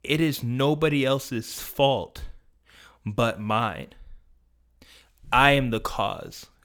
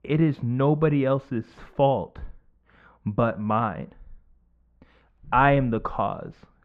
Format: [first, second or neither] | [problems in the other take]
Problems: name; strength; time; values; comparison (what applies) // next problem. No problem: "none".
first | muffled; very; fading above 1.5 kHz